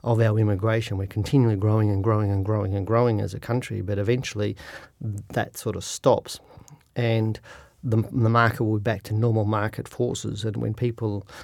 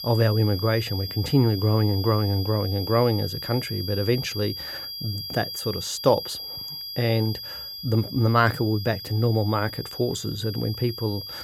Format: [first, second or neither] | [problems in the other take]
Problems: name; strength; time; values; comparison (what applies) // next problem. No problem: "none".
first | high-pitched whine; loud; throughout; 5 kHz, 8 dB below the speech